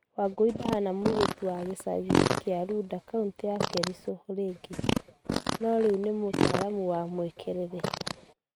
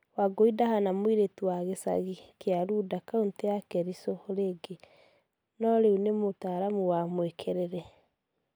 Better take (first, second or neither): second